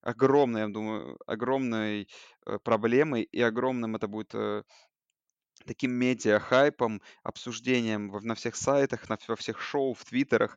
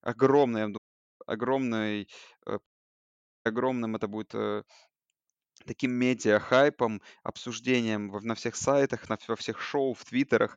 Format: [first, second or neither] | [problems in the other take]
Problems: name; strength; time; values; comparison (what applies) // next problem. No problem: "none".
first | audio cutting out; at 1 s and at 2.5 s for 1 s